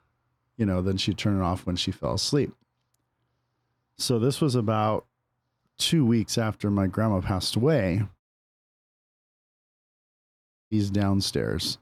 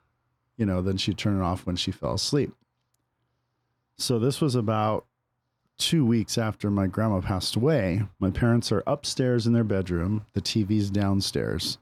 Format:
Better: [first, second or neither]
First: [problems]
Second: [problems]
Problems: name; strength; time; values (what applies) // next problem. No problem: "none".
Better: second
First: audio cutting out; at 8 s for 2.5 s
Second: none